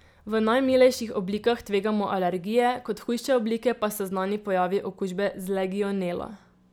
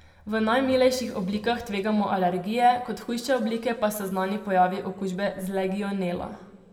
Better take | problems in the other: first | room echo; dies away in 1.3 s

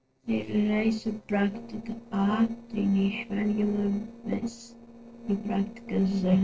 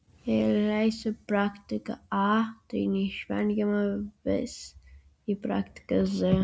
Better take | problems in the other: second | noise reduction (neural separator model SepFormer DNS4)

